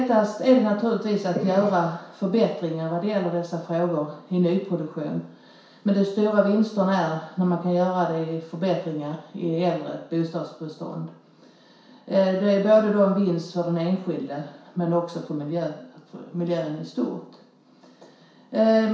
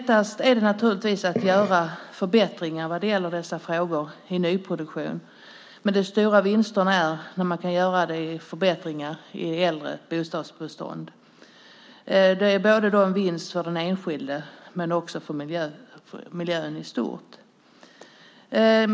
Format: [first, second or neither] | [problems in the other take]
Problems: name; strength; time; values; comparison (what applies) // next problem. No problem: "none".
second | room echo; dies away in 0.6 s